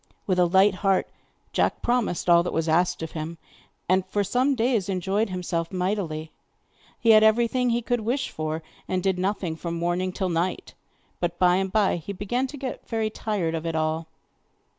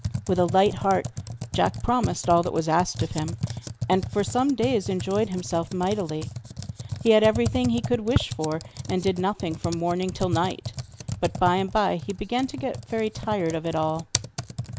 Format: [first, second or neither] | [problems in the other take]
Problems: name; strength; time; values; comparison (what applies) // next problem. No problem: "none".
first | background sound (Computer keyboard); 8 dB below the speech